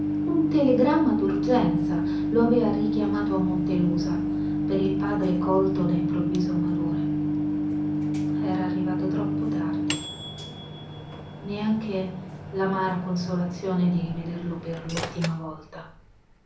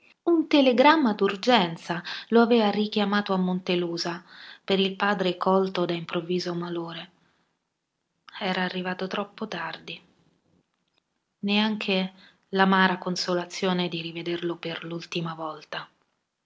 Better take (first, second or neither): second